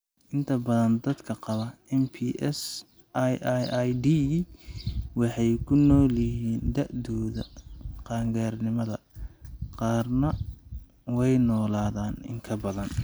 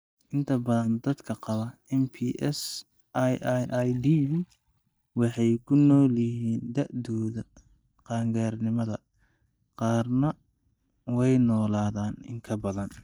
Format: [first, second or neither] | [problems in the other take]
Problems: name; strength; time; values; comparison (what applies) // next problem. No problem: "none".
first | noise reduction (neural mask model DeepFilterNet 3)